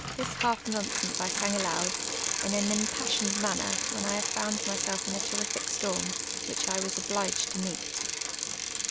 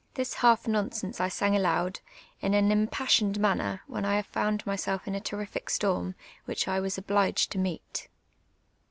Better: second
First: background sound (Bicycle); 2 dB above the speech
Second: none

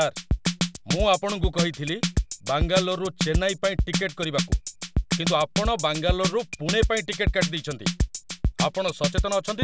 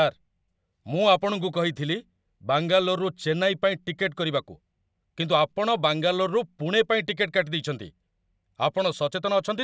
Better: second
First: background sound (Drum kit); as loud as the speech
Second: none

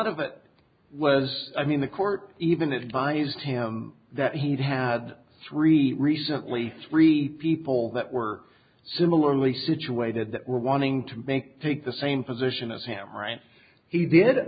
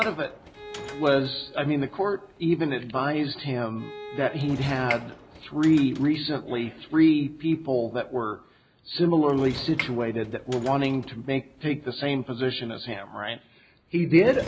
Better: first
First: none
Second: background sound (Sliding door / Train + Bowed string instrument); 16 dB below the speech

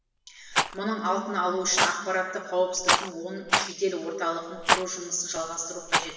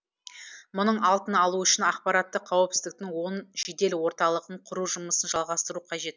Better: second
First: background sound (Rattle); as loud as the speech // room echo; dies away in 1.2 s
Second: none

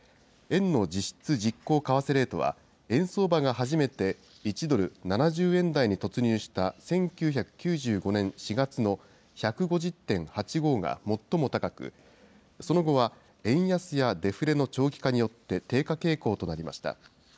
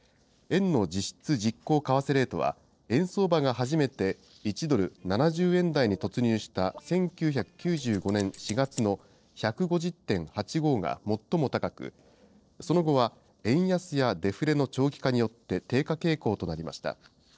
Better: first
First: none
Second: noise reduction (neural separator model SepFormer DNS4)

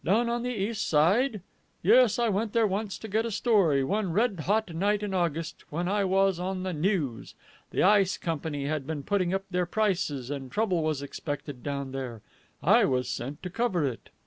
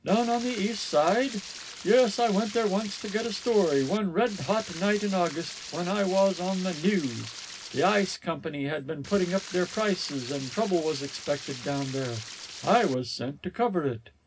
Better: first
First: none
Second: background sound (Stream); 13 dB below the speech // room echo; dies away in 0.4 s

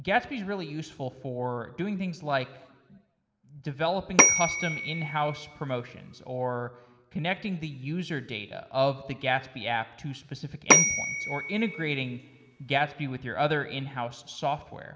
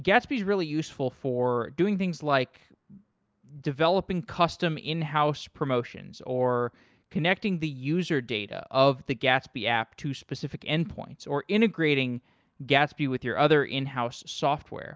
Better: second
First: background sound (Bell / Telephone); 4 dB above the speech // room echo; dies away in 1.1 s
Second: none

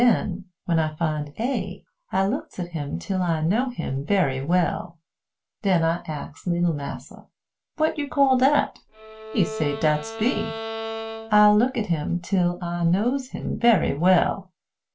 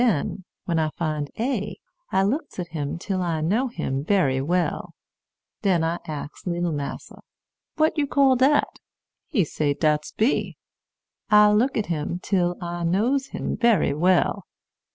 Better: second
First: background sound (Bowed string instrument); 10 dB below the speech // room echo; dies away in 0.2 s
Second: none

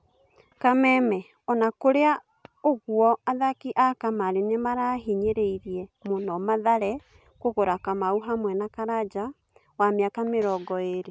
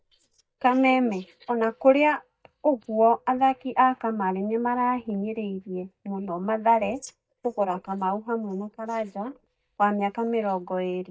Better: first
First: none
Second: noise reduction (neural mask model DeepFilterNet 3)

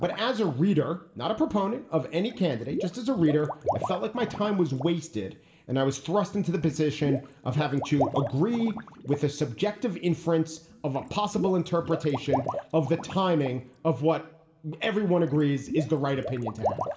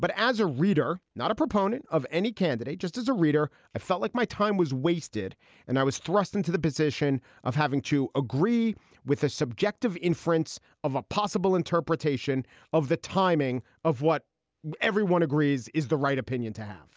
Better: second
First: background sound (Water / Liquid); 10 dB below the speech // room echo; dies away in 0.6 s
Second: none

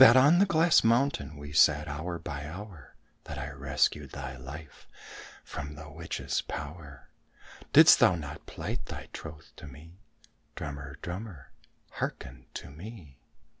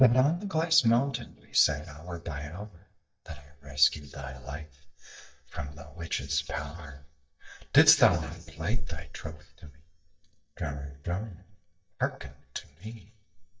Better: first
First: none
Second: noise reduction (neural mask model DeepFilterNet 3)

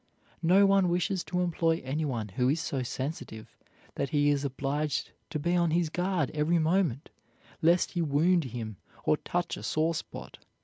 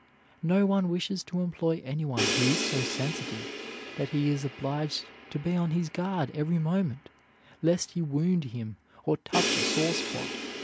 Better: first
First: none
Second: background sound (Crash cymbal); 6 dB below the speech

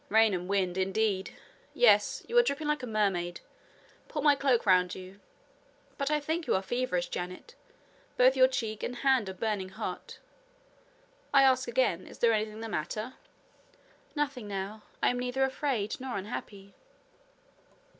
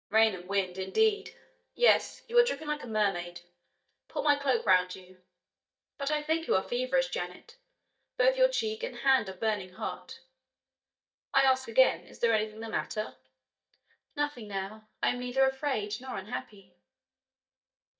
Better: first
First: none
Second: noise reduction (neural mask model DeepFilterNet 3)

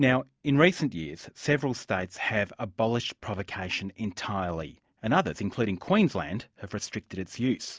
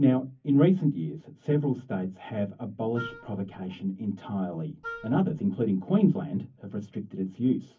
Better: first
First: none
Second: background sound (Wind instrument, woodwind instrument); 15 dB below the speech // room echo; dies away in 0.3 s

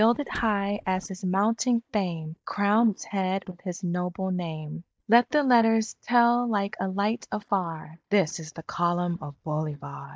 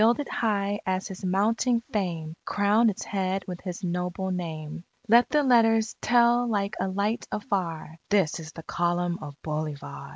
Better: second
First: noise reduction (neural mask model DeepFilterNet 3)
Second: none

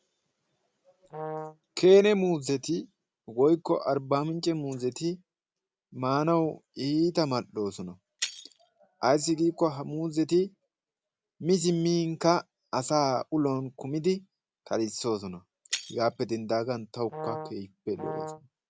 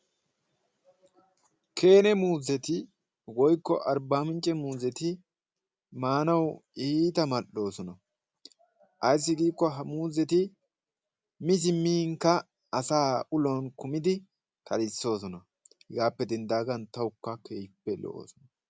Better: second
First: background sound (Shatter + Brass instrument); 12 dB below the speech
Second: none

